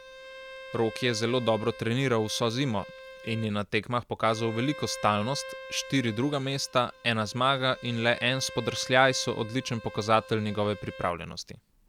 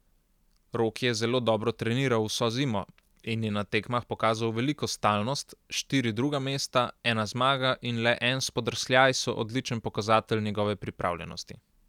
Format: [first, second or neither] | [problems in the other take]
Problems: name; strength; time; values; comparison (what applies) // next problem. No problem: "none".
second | background sound (Bowed string instrument); 16 dB below the speech